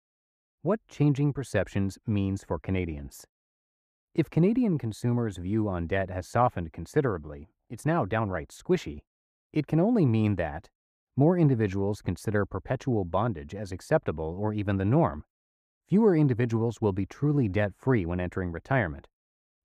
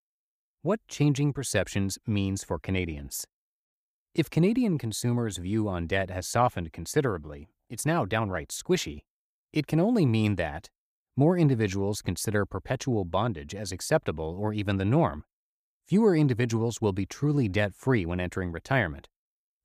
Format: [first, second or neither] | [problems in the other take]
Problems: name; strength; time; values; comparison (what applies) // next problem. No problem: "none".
second | muffled; slightly; fading above 2.5 kHz